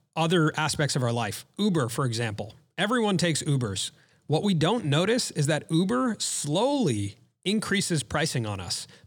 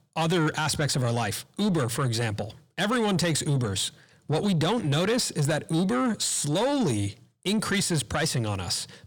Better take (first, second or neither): first